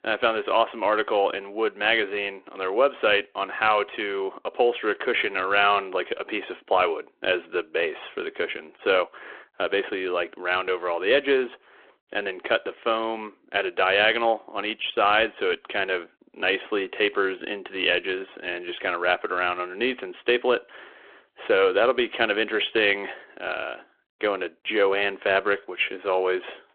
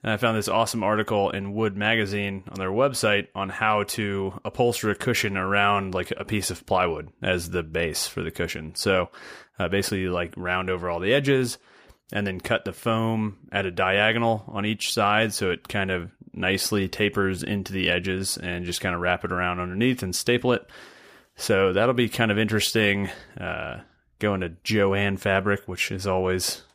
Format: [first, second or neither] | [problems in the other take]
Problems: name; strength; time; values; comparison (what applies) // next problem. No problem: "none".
second | phone-call audio